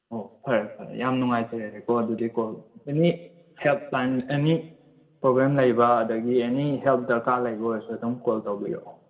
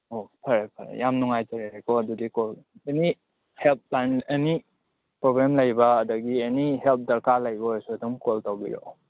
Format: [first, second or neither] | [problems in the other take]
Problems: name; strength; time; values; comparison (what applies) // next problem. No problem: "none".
second | room echo; dies away in 0.8 s